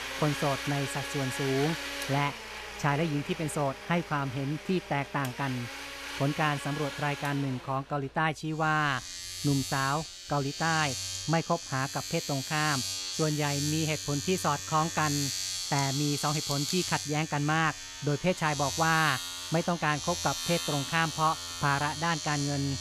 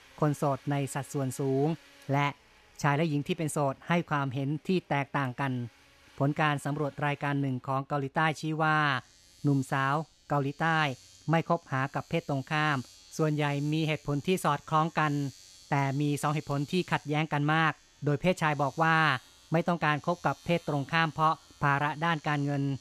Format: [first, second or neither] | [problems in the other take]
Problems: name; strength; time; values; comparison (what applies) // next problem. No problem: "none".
second | household noises; loud; throughout; 5 dB below the speech; faint in the second